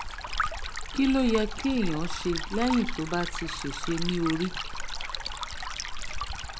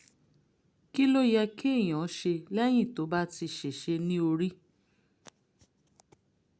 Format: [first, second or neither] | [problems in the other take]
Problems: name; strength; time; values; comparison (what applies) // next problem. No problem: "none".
second | background sound (Stream); 2 dB below the speech